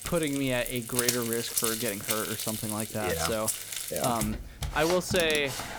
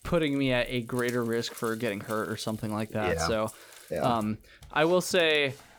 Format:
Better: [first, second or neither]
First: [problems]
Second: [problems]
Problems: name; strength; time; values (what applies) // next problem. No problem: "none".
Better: second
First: household noises; loud; throughout; 2 dB below the speech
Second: household noises; faint; throughout; 20 dB below the speech